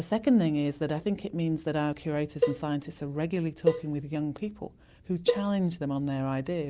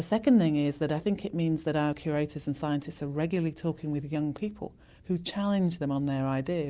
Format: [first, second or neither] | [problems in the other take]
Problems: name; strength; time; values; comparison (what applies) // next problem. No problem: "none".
second | background sound (Cowbell); 4 dB below the speech